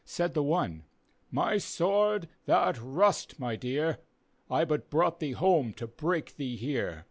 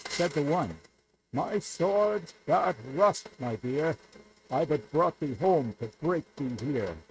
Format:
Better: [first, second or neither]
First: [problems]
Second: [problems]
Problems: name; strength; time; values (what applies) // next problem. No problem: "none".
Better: first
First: none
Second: noise reduction (neural mask model RNNoise)